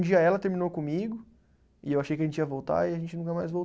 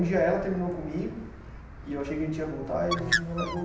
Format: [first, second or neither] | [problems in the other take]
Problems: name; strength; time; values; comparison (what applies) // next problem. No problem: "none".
first | background sound (Bird); 6 dB below the speech // room echo; dies away in 0.9 s